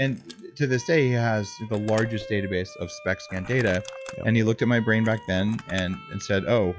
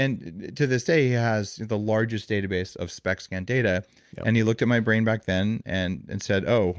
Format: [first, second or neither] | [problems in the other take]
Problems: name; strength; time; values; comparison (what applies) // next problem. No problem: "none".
second | noise reduction (classical method log-MMSE)